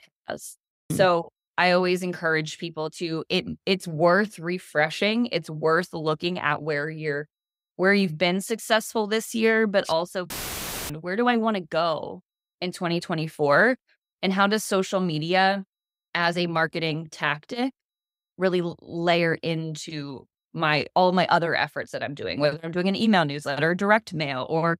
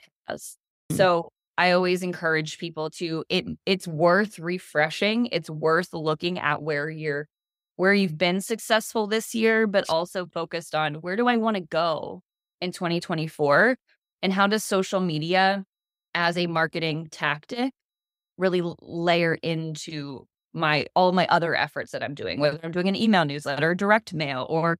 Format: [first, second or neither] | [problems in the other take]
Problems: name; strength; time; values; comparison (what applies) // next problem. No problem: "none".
second | audio cutting out; filled with static; at 10 s for 0.5 s